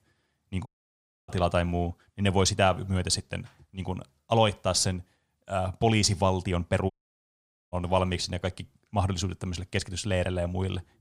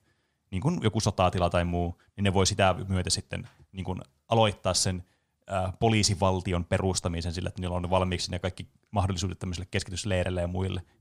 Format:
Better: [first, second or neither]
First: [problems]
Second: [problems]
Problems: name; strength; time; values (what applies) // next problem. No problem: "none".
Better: second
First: audio cutting out; at 0.5 s for 0.5 s and at 7 s for 1 s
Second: none